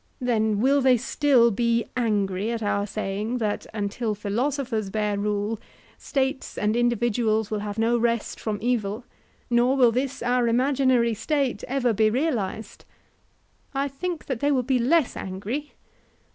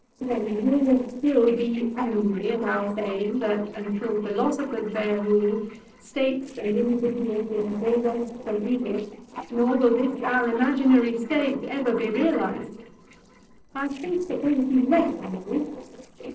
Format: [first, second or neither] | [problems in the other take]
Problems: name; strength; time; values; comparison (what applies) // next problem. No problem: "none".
first | noise reduction (neural separator model SepFormer DNS4)